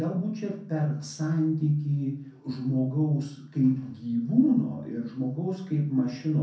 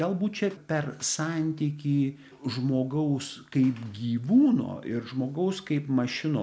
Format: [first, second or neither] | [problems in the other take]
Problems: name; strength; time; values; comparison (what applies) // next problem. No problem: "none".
second | room echo; dies away in 0.6 s